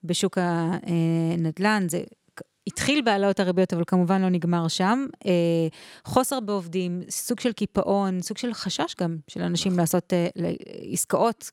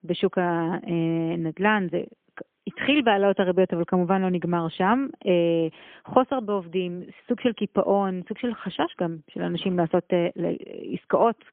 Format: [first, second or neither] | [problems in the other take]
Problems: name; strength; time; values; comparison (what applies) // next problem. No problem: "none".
first | phone-call audio; poor line; nothing above 3 kHz